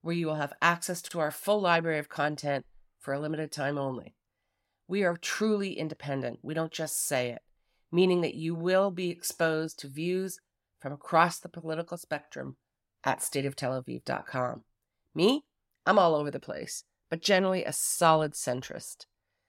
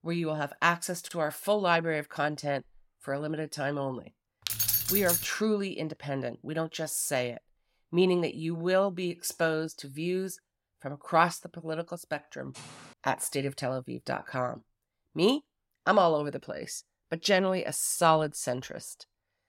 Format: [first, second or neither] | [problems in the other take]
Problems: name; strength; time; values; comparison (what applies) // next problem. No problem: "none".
first | jangling keys; loud; at 4.5 s; peak 5 dB above the speech // footsteps; faint; at 13 s; peak 15 dB below the speech